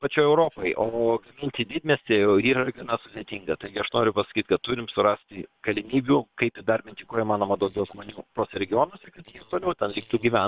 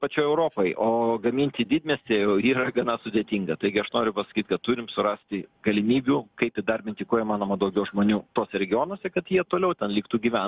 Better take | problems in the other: second | noise reduction (neural separator model SepFormer WHAM!)

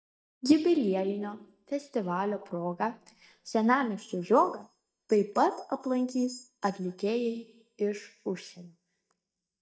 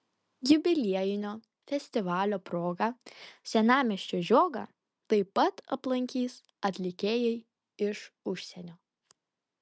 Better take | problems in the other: second | noise reduction (neural mask model DeepFilterNet 3)

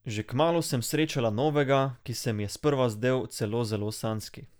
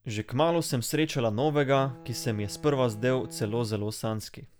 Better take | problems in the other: first | background sound (Bowed string instrument); 19 dB below the speech

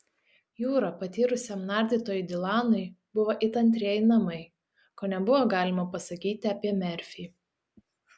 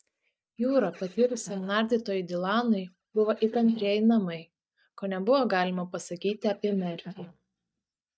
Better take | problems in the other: first | noise reduction (neural mask model DeepFilterNet 3)

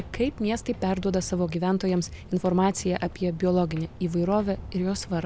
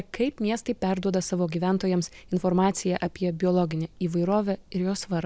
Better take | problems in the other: second | background sound (Walk, footsteps); 16 dB below the speech

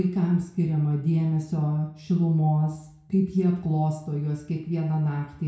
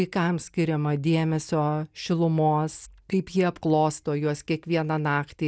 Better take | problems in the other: second | room echo; dies away in 0.5 s

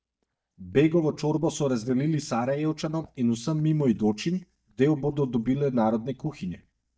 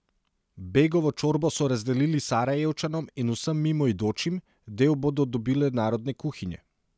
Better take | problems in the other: second | noise reduction (neural mask model DeepFilterNet 3)

